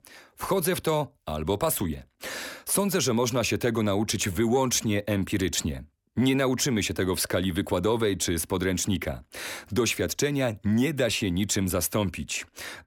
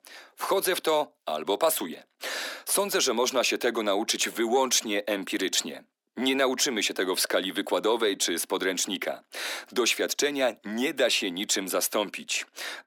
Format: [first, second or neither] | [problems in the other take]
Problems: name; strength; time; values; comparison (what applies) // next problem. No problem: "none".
first | thin; somewhat; fading below 300 Hz